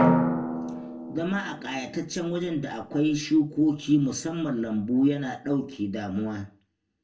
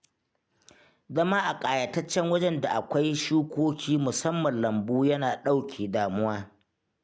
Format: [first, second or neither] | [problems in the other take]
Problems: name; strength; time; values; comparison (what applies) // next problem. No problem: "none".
second | background sound (Drum); 5 dB below the speech // room echo; dies away in 0.2 s